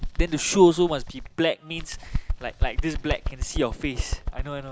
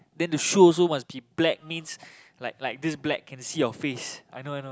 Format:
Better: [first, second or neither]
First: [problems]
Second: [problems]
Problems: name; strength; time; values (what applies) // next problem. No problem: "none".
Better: second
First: background sound (Bird); 4 dB below the speech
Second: none